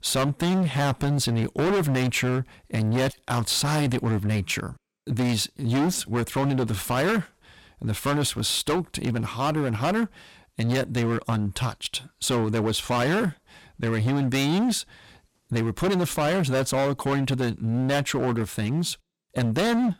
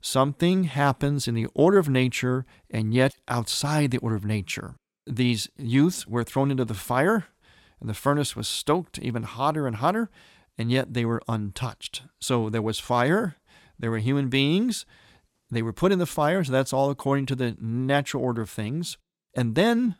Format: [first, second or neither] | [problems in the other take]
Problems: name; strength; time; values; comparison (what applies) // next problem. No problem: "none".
second | distortion; heavy; 21% of the sound clipped